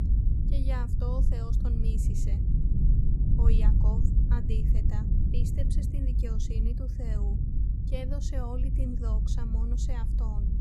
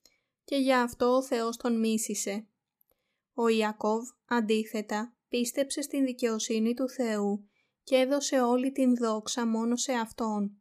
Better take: second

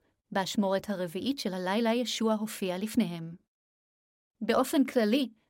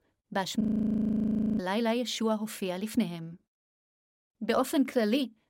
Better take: first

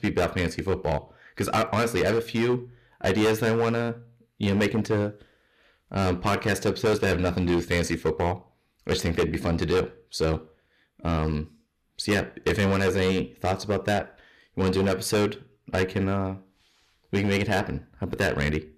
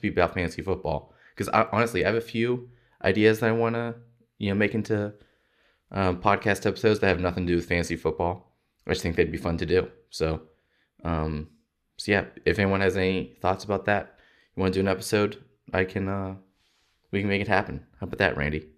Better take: second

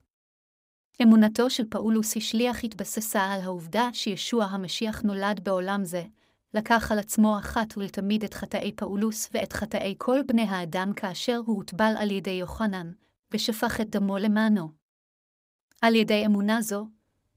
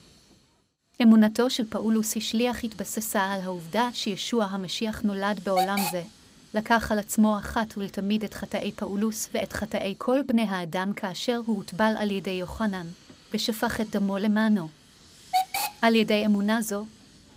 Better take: first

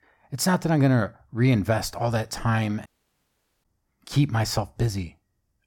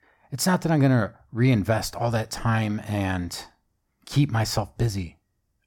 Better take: second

